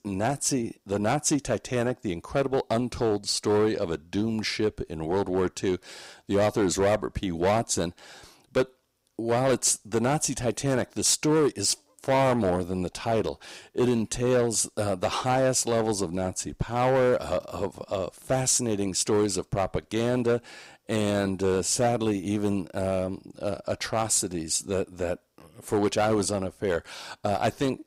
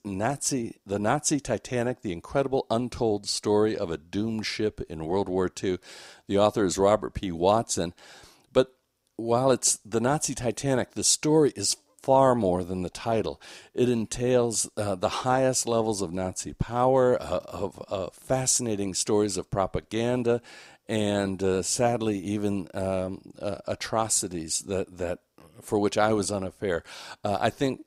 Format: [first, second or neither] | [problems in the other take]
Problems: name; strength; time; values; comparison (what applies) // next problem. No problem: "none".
second | distortion; slight; 5% of the sound clipped